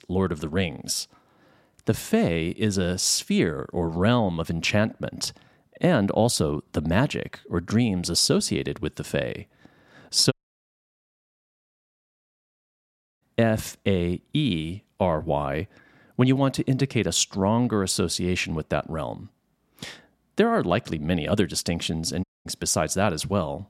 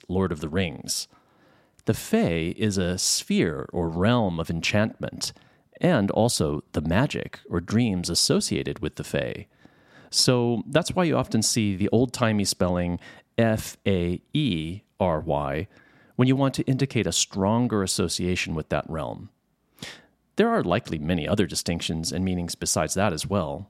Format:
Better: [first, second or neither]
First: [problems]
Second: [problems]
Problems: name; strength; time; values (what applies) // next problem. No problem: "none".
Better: second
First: audio cutting out; at 10 s for 3 s and at 22 s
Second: none